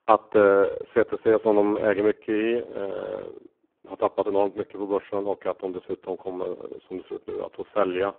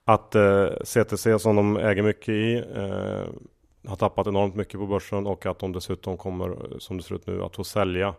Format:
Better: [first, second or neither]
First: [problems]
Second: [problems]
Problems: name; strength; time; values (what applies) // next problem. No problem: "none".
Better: second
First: phone-call audio; poor line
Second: none